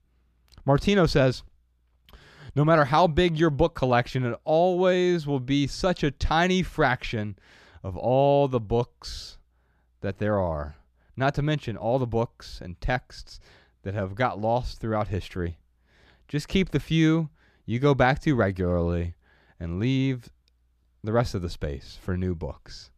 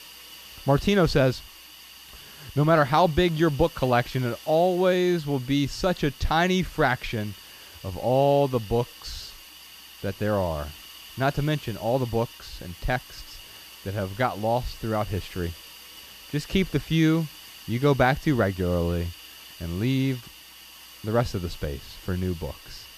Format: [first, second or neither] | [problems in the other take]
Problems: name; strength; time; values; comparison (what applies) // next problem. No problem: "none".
first | hiss; noticeable; throughout; 20 dB below the speech